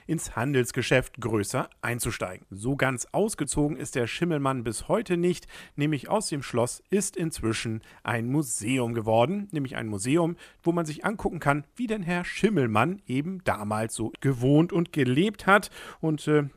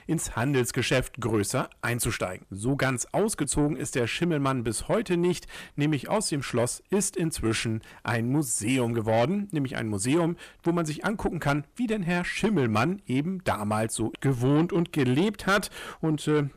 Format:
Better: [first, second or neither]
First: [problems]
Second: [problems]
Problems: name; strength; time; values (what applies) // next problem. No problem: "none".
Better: first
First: none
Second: distortion; slight; 10 dB below the speech